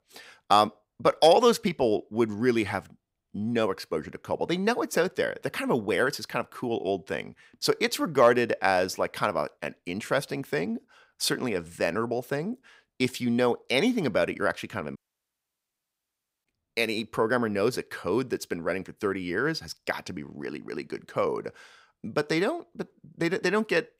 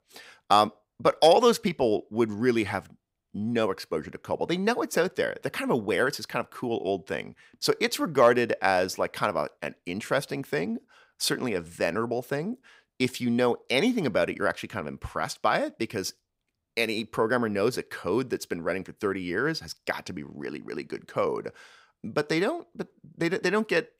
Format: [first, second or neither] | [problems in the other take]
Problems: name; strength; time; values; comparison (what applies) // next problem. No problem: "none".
second | audio cutting out; at 15 s for 1.5 s